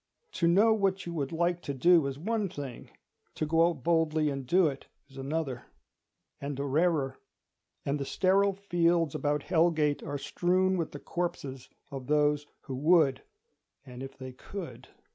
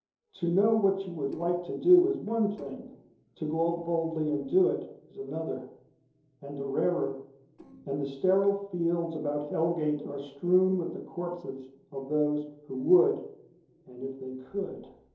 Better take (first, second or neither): first